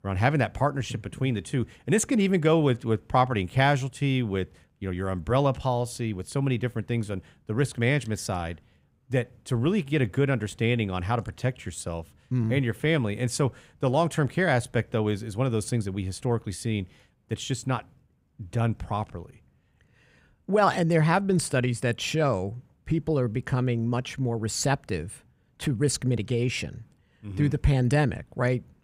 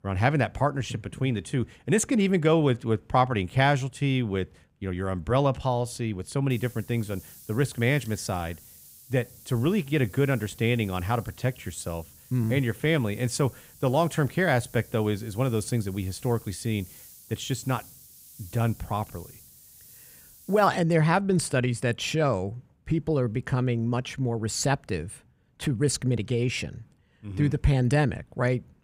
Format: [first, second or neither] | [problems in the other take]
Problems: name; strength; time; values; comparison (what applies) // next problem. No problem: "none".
first | hiss; faint; from 6.5 to 21 s; 20 dB below the speech